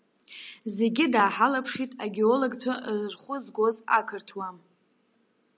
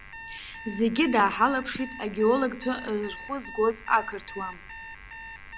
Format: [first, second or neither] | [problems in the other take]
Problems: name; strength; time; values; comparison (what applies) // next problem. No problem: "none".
first | background sound (Alarm); 14 dB below the speech